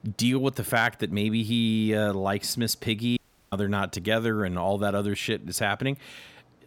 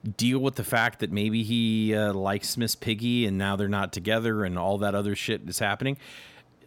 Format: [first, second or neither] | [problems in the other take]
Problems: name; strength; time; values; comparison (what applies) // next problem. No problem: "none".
second | audio cutting out; at 3 s